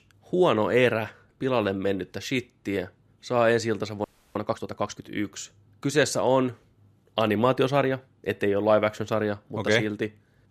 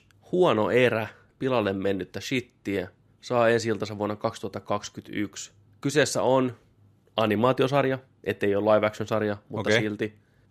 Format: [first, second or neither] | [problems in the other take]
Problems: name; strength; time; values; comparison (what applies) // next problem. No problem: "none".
second | audio freezing; at 4 s